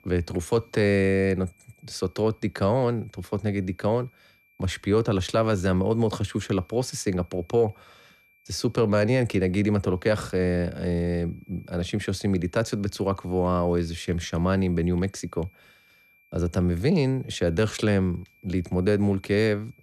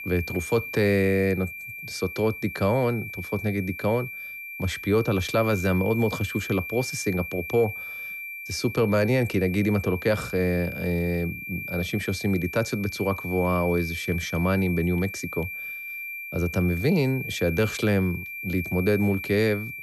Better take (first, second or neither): first